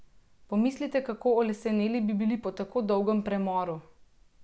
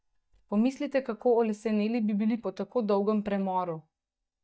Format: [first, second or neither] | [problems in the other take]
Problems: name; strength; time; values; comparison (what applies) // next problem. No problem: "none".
first | noise reduction (neural mask model DeepFilterNet 3)